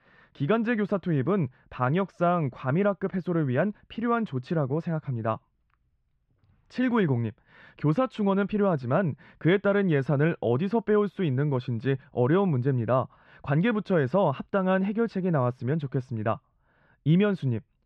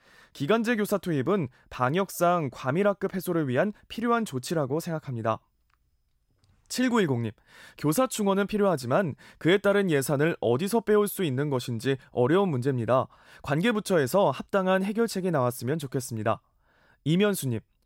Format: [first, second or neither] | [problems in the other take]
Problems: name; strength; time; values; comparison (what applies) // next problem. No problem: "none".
second | muffled; very; fading above 3 kHz